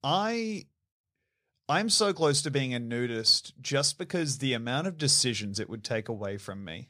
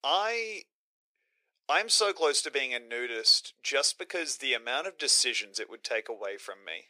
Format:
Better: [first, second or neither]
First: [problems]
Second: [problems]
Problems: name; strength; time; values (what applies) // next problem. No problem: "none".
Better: first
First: none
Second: thin; very; fading below 400 Hz